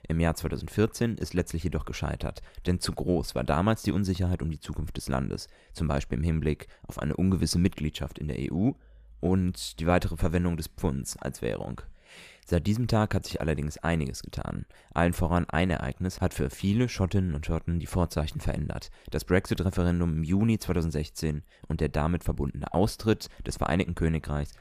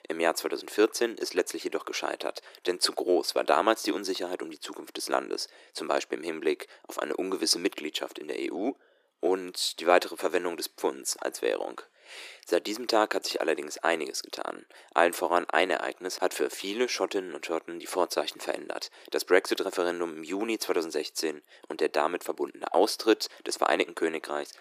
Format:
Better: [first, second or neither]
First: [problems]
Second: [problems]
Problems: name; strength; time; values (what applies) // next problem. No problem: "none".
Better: first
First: none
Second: thin; very; fading below 350 Hz